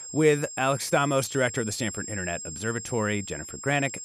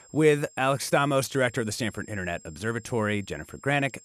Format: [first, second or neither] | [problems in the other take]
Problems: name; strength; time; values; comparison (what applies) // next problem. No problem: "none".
second | high-pitched whine; loud; throughout; 7.5 kHz, 9 dB below the speech; faint in the second